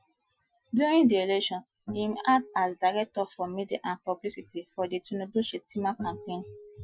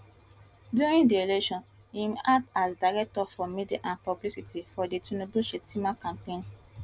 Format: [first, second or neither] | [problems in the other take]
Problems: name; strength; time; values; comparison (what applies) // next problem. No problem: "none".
second | noise reduction (classical method Wiener filter)